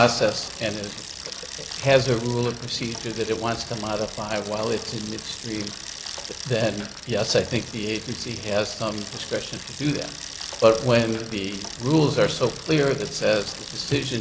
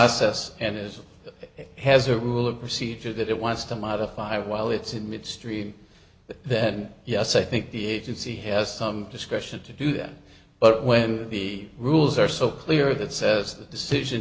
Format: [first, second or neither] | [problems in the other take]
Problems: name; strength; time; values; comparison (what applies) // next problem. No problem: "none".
second | background sound (Bicycle); 12 dB below the speech